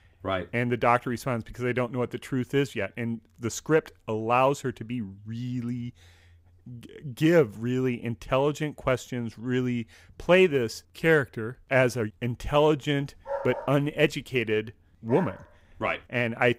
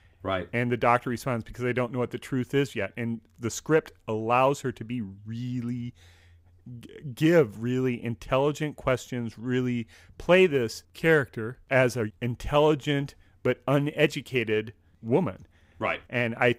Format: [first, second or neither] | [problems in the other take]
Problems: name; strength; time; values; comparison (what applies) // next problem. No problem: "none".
second | dog barking; noticeable; from 13 to 15 s; peak 7 dB below the speech